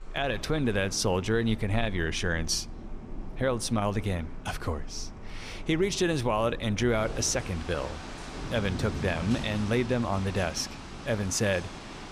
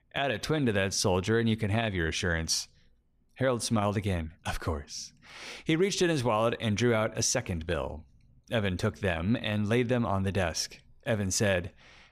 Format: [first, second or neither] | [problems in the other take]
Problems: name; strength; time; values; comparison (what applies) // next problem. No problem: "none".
second | rain or running water; noticeable; throughout; 10 dB below the speech